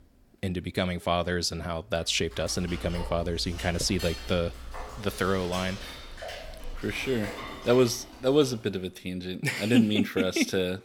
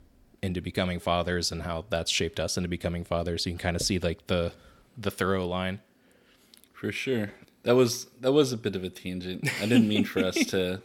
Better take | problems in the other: second | clattering dishes; noticeable; from 2 to 8.5 s; peak 9 dB below the speech

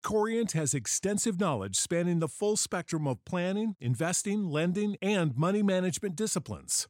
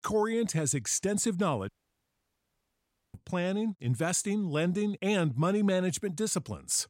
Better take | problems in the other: first | audio cutting out; at 1.5 s for 1.5 s

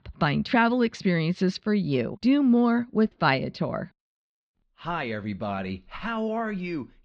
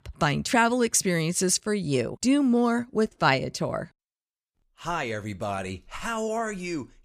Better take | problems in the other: second | muffled; slightly; fading above 4 kHz

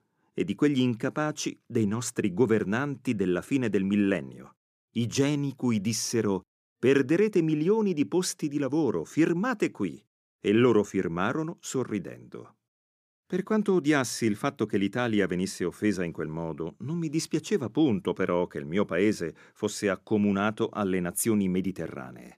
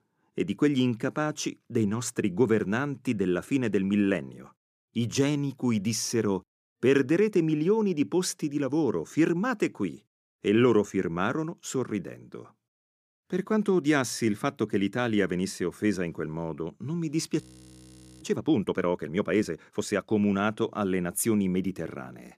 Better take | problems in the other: first | audio freezing; at 17 s for 1 s

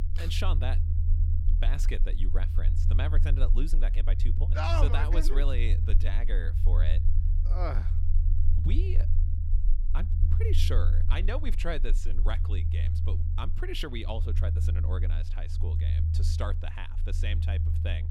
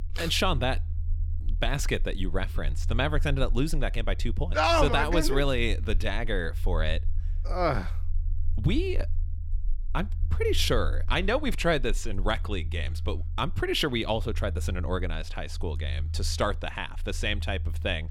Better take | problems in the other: second | low rumble; loud; throughout; 8 dB below the speech; faint in the second

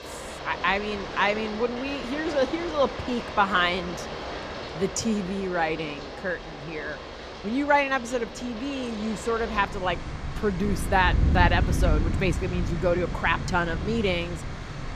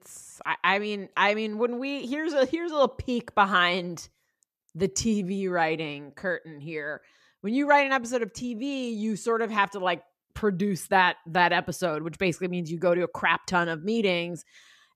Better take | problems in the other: second | rain or running water; loud; throughout; 5 dB below the speech

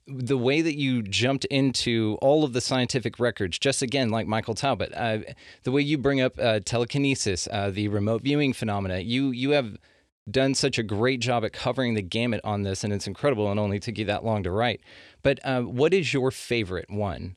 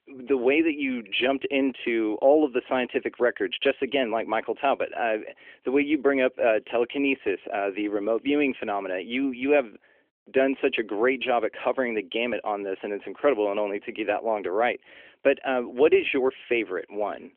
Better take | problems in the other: first | phone-call audio; nothing above 3.5 kHz

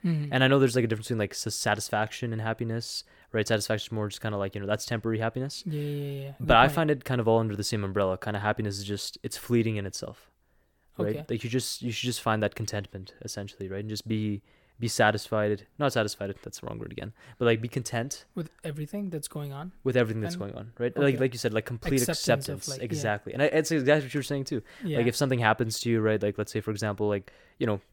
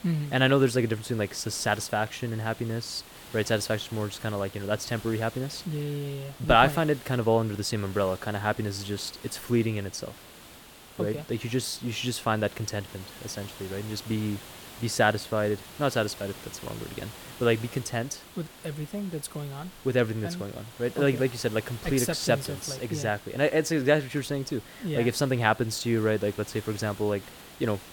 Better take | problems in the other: first | hiss; noticeable; throughout; 15 dB below the speech

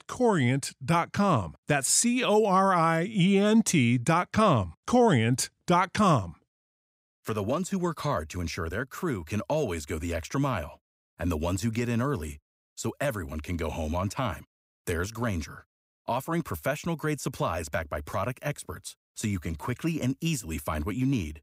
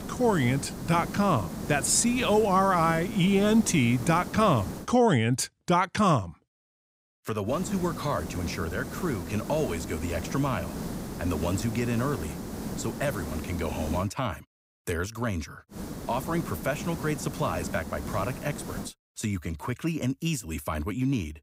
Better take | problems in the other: first | hiss; loud; until 5 s, from 7.5 to 14 s and from 16 to 19 s; 9 dB below the speech

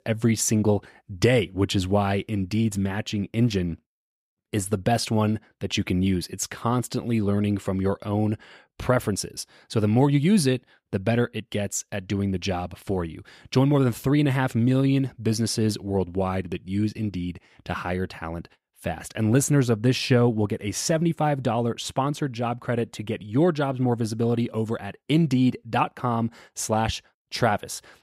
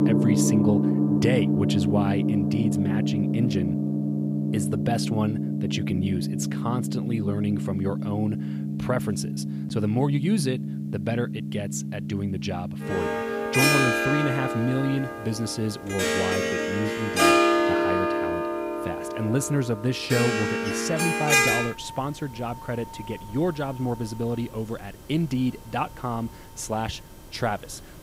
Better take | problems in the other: first | background music; very loud; throughout; 3 dB above the speech

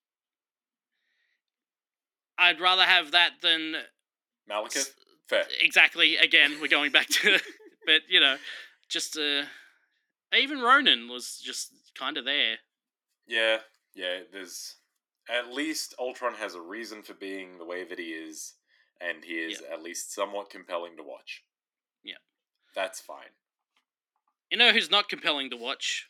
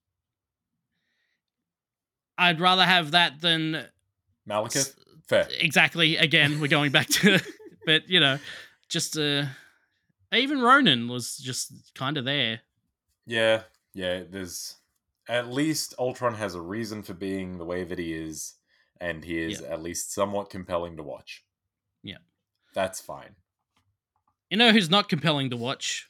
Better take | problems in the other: second | thin; somewhat; fading below 300 Hz

